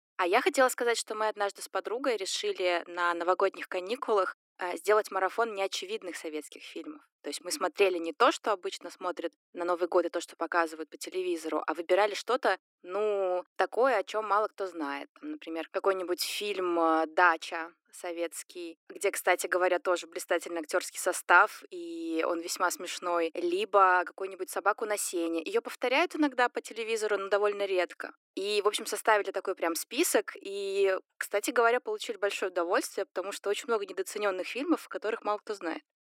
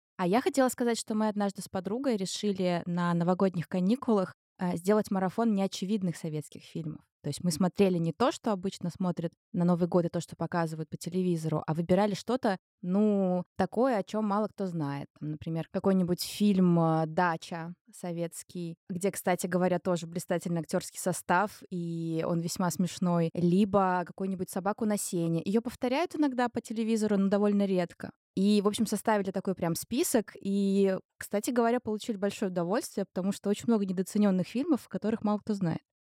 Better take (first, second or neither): second